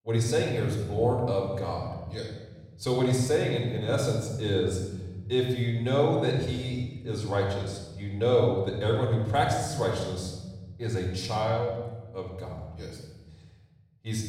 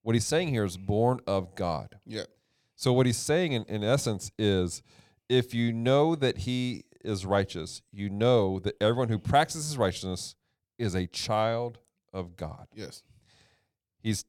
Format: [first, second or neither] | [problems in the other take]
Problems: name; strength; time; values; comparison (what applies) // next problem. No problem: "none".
second | room echo; noticeable; dies away in 1.4 s // off-mic speech; far